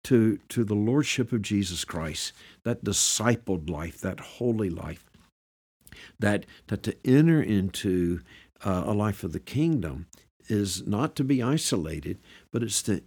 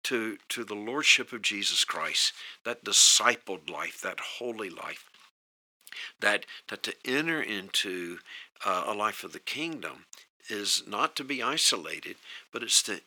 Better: first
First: none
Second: thin; very; fading below 600 Hz

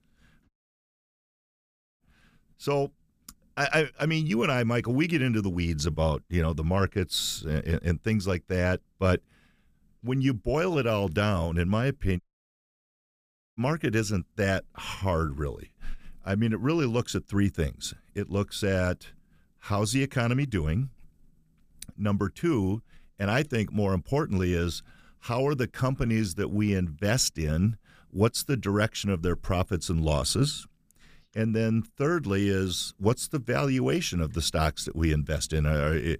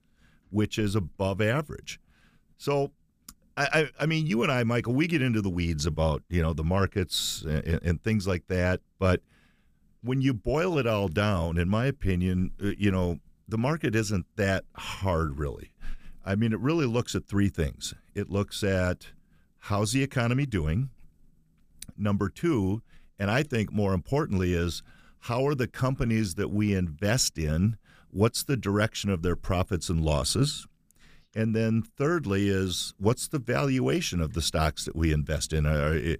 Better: second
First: audio cutting out; at 0.5 s for 1.5 s and at 12 s for 1.5 s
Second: none

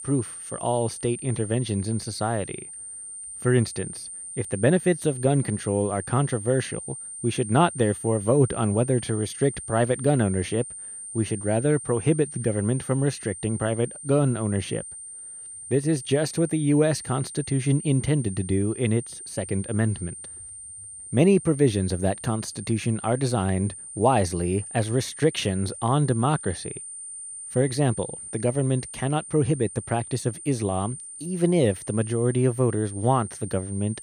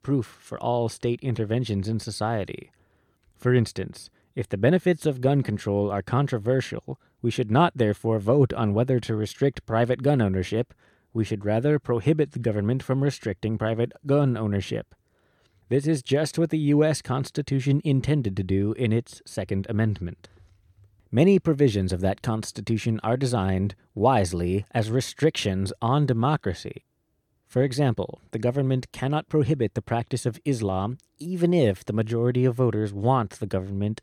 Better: second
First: high-pitched whine; noticeable; throughout; 9 kHz, 10 dB below the speech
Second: none

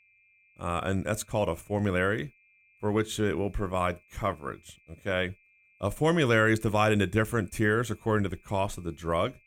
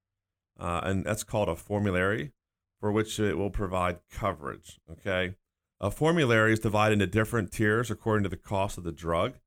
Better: second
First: high-pitched whine; faint; throughout; 2.5 kHz, 35 dB below the speech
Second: none

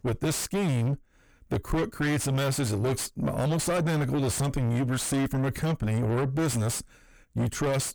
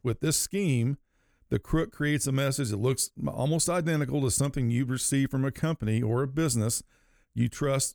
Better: second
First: distortion; heavy; 4 dB below the speech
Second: none

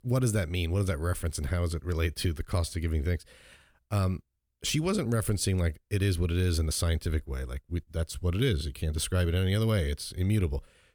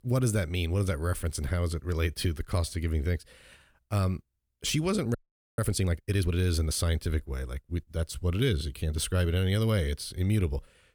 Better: first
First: none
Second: audio freezing; at 5 s

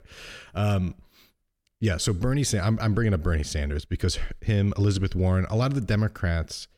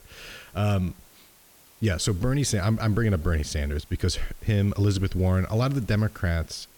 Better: first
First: none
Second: hiss; faint; throughout; 25 dB below the speech

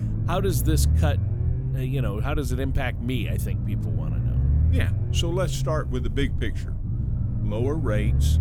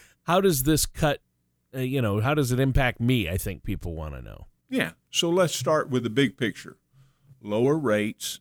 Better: second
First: low rumble; loud; throughout; 8 dB below the speech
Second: none

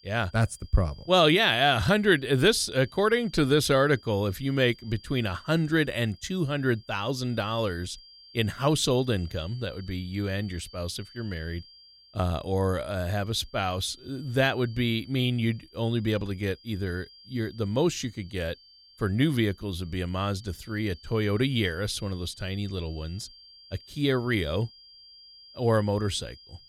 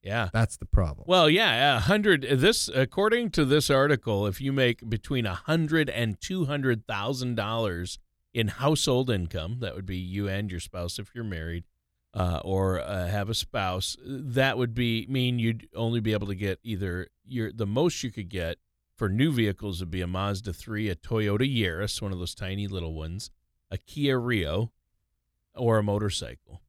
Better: second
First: high-pitched whine; faint; throughout; 4.5 kHz, 25 dB below the speech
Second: none

